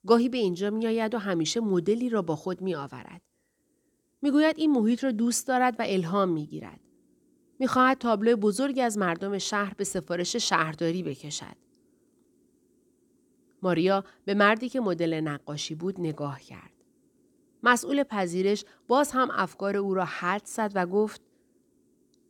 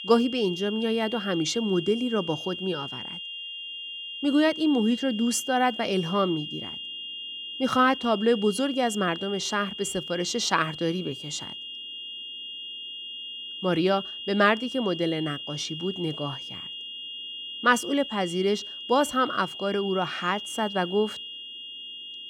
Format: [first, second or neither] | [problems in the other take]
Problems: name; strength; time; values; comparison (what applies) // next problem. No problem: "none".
first | high-pitched whine; loud; throughout; 3 kHz, 9 dB below the speech